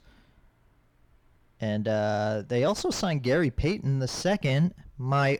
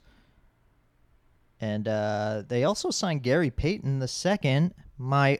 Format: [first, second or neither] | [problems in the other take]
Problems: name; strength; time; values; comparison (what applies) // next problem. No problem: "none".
second | distortion; slight; 10 dB below the speech